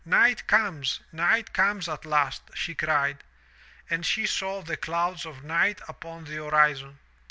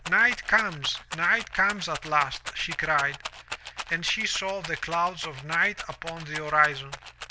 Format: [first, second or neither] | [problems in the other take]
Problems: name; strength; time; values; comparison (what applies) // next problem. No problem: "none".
first | background sound (Rattle); 13 dB below the speech